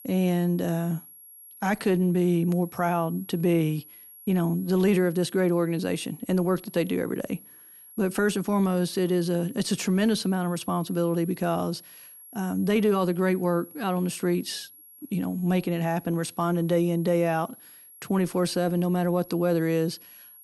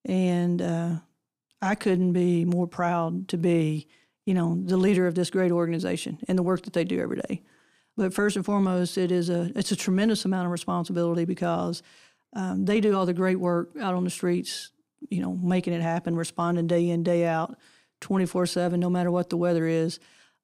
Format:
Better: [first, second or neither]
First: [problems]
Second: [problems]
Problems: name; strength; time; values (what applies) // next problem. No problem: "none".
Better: second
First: high-pitched whine; noticeable; throughout; 11.5 kHz, 20 dB below the speech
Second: none